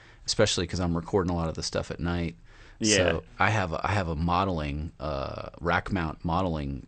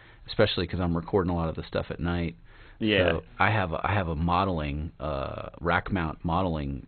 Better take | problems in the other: first | garbled, watery; badly; nothing above 4 kHz; slightly in the first

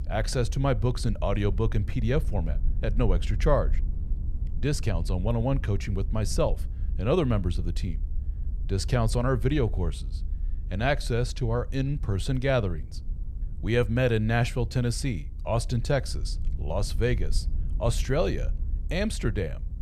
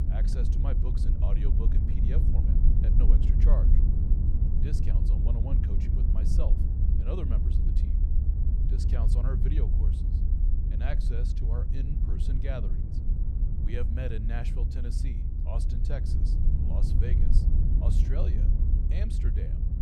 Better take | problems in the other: first | low rumble; loud; throughout; as loud as the speech; faint in the first

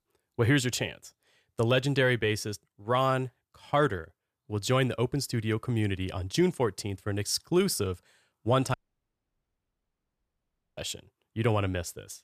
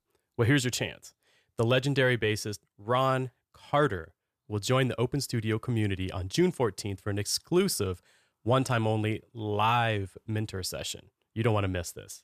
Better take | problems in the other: second | audio cutting out; at 8.5 s for 2 s

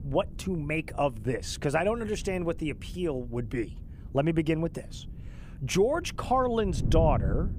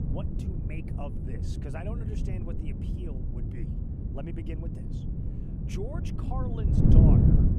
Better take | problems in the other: first | wind noise on the microphone; heavy; 5 dB above the speech; occasional gusts in the first

